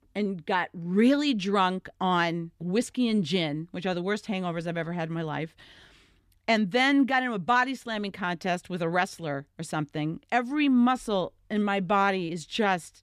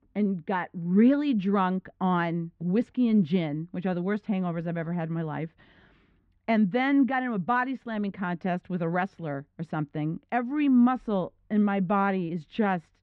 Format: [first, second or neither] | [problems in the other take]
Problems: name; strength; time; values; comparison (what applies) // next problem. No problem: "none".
first | muffled; very; fading above 2 kHz